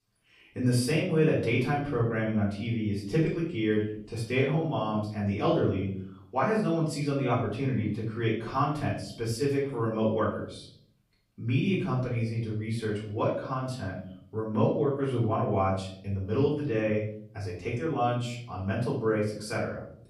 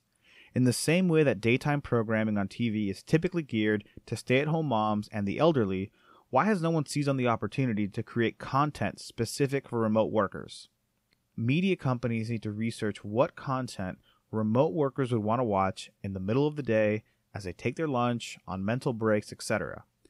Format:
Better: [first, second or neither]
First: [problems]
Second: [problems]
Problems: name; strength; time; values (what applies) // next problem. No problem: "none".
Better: second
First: room echo; noticeable; dies away in 0.6 s // off-mic speech; far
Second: none